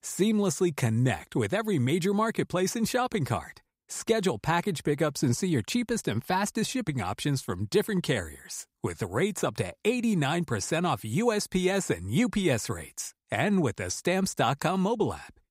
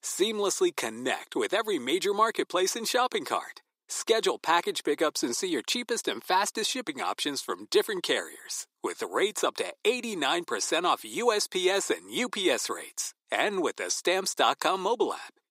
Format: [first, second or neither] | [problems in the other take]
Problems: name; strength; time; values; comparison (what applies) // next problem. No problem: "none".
first | thin; somewhat; fading below 350 Hz